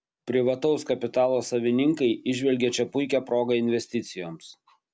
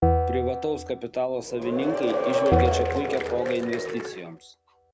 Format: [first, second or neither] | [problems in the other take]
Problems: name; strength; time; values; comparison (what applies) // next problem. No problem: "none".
first | background sound (Applause / Crowd / Cheering + Bell); 3 dB above the speech